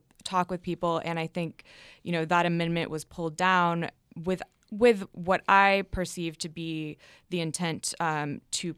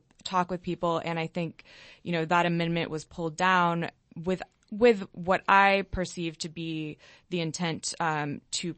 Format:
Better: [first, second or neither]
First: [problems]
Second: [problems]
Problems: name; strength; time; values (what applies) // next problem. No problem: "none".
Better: first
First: none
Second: garbled, watery; slightly; nothing above 8 kHz